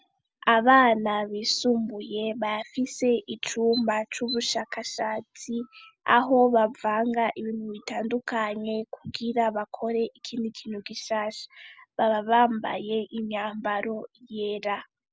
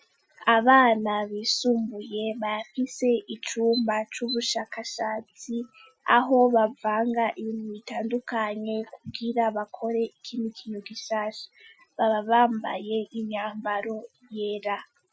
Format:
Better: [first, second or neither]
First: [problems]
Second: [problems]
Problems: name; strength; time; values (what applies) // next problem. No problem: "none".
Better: first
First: none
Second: noise reduction (classical method Wiener filter)